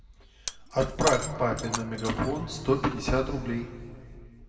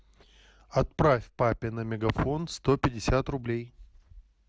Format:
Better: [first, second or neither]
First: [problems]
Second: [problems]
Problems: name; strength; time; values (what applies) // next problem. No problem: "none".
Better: second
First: background sound (Shatter); 10 dB below the speech // room echo; dies away in 1.9 s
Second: none